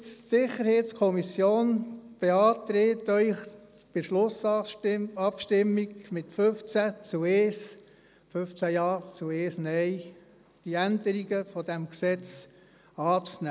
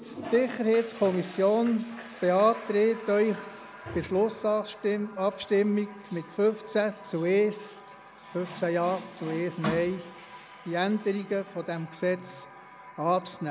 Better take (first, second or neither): first